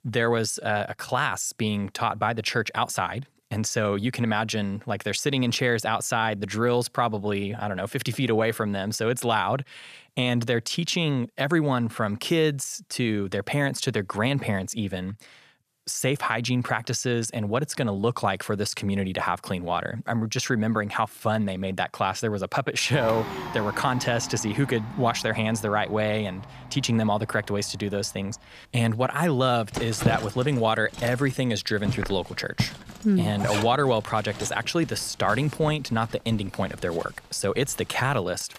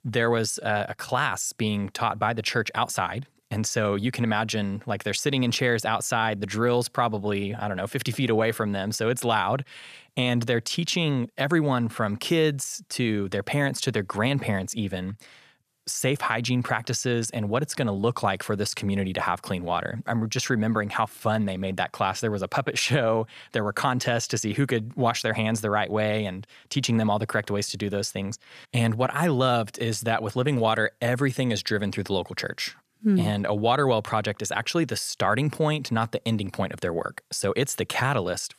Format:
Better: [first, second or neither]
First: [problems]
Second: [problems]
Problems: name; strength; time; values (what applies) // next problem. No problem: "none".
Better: second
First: household noises; noticeable; from 23 s on; 10 dB below the speech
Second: none